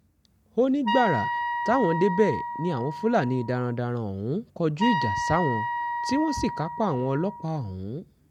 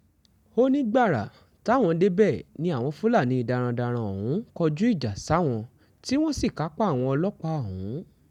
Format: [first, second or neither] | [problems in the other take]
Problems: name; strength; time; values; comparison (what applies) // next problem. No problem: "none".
second | background sound (Wind instrument, woodwind instrument); 4 dB below the speech